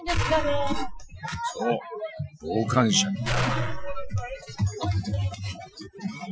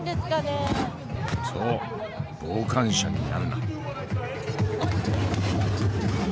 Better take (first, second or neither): second